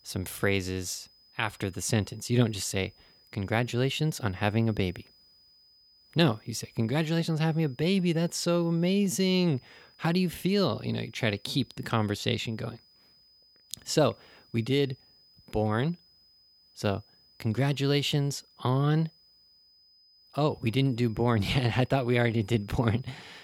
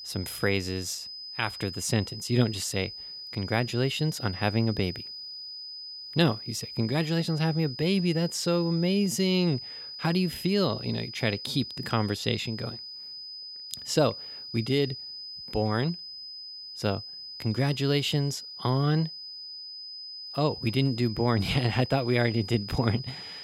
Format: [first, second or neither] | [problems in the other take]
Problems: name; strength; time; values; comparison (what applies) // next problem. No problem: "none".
first | high-pitched whine; loud; throughout; 5 kHz, 10 dB below the speech; faint in the first